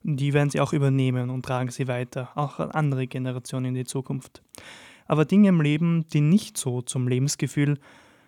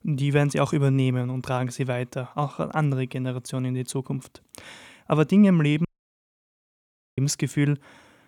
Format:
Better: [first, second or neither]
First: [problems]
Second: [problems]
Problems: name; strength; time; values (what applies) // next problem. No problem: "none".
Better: first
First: none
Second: audio cutting out; at 6 s for 1.5 s